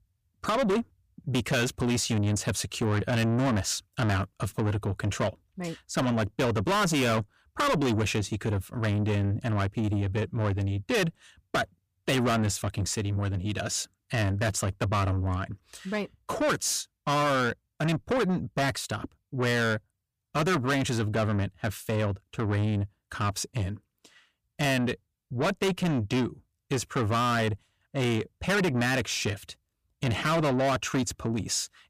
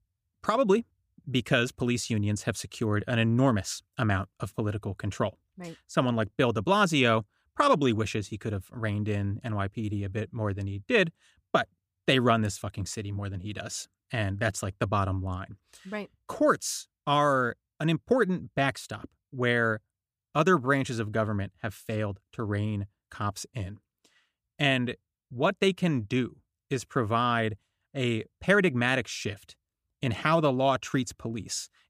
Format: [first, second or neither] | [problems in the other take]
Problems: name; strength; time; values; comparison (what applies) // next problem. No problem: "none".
second | distortion; heavy; 6 dB below the speech